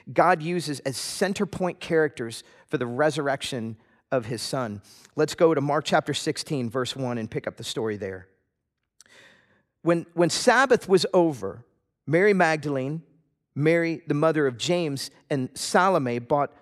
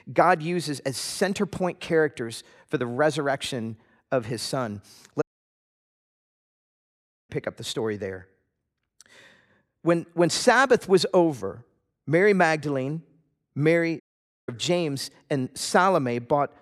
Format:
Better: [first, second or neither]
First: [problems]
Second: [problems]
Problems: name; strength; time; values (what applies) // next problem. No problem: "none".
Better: first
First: none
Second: audio cutting out; at 5 s for 2 s and at 14 s